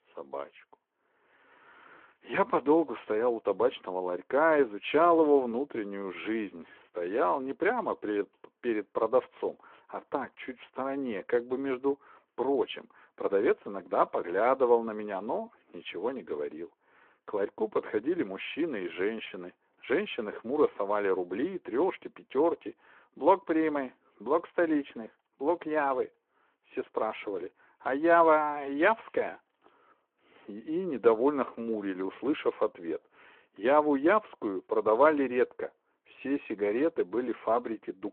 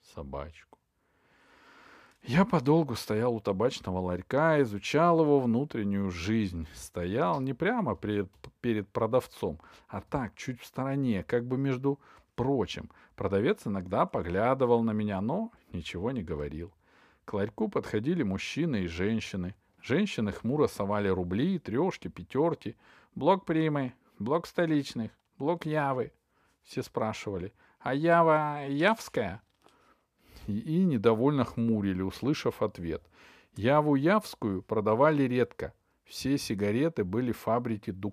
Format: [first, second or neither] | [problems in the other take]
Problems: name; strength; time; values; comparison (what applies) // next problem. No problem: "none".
second | phone-call audio